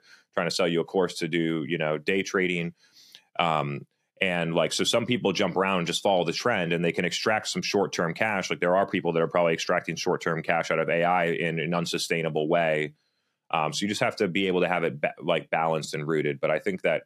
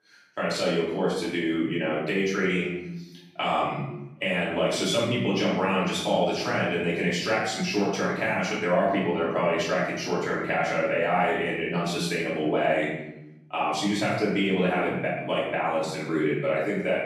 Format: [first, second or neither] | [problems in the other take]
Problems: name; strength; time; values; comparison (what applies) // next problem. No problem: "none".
first | off-mic speech; far // room echo; noticeable; dies away in 0.9 s